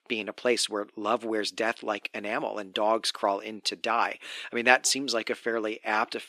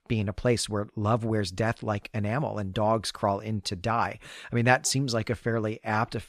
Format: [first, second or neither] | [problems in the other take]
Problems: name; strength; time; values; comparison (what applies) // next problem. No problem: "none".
second | thin; somewhat; fading below 300 Hz